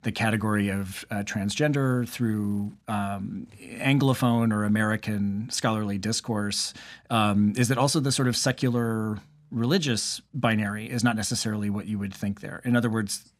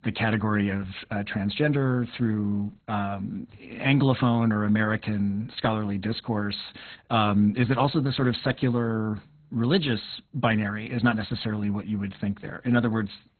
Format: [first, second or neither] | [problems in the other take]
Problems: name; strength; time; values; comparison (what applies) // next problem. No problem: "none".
first | garbled, watery; badly; nothing above 4 kHz